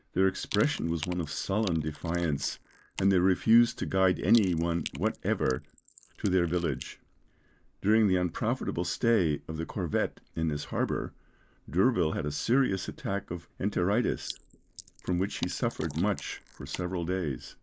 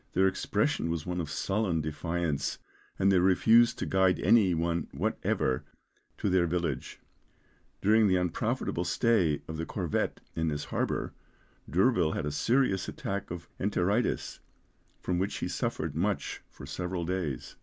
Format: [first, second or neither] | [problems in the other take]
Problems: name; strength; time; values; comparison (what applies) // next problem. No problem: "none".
second | noise reduction (neural mask model Resemble Enhance denoiser)